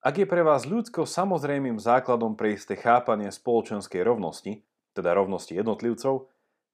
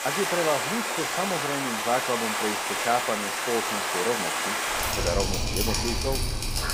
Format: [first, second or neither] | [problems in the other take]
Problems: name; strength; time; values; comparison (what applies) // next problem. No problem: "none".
first | rain or running water; very loud; throughout; 3 dB above the speech